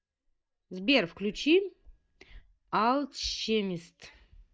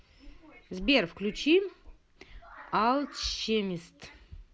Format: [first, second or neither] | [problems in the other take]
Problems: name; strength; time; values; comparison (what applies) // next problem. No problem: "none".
second | noise reduction (neural mask model DeepFilterNet 3)